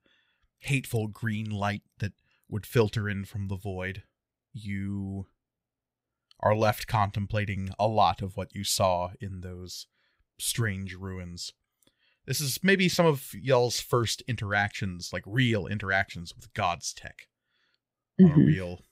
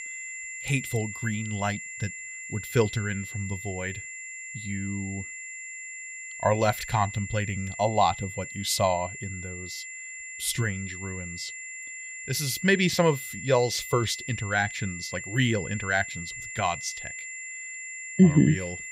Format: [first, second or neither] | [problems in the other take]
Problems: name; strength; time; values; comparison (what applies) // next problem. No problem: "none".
first | high-pitched whine; loud; throughout; 2 kHz, 9 dB below the speech